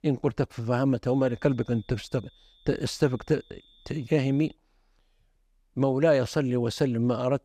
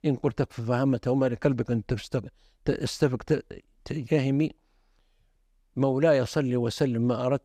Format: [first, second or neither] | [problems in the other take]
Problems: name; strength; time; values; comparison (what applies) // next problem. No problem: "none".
second | high-pitched whine; faint; from 1 to 4.5 s; 3.5 kHz, 30 dB below the speech